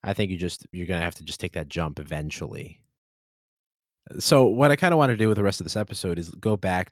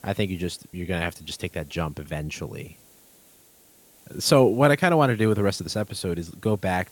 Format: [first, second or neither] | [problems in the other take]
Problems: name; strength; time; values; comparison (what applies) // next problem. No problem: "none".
first | hiss; faint; throughout; 30 dB below the speech